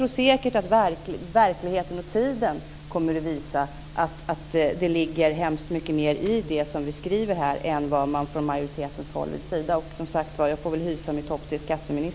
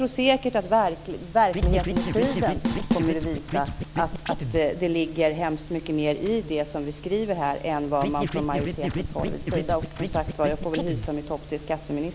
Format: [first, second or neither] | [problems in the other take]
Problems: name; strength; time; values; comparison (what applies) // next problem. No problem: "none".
first | background sound (Drum kit + Scratching (performance technique)); 2 dB below the speech